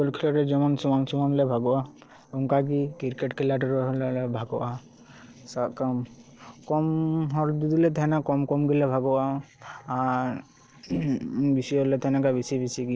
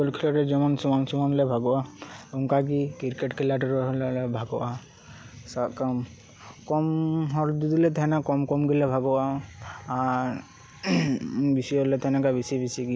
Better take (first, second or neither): second